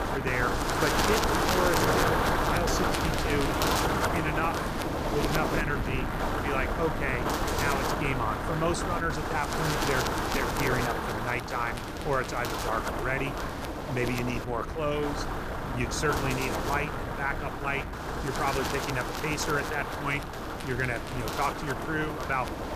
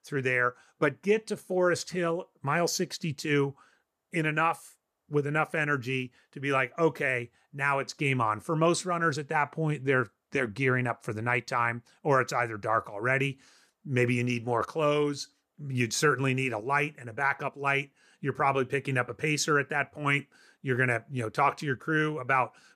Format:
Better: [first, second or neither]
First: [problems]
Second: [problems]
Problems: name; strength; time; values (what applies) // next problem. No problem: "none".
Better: second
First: wind noise on the microphone; heavy; 2 dB above the speech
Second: none